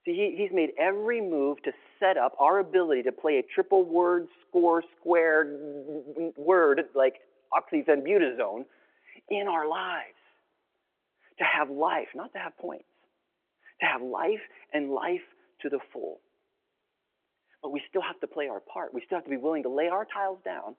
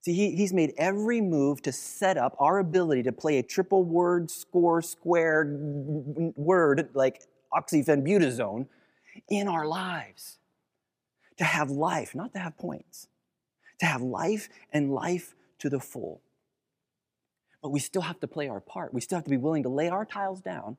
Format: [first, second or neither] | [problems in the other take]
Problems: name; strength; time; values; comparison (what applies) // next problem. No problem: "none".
second | phone-call audio